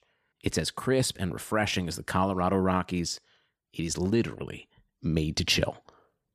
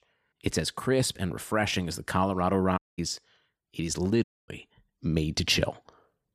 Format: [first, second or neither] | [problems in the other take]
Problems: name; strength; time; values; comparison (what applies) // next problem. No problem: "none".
first | audio cutting out; at 3 s and at 4 s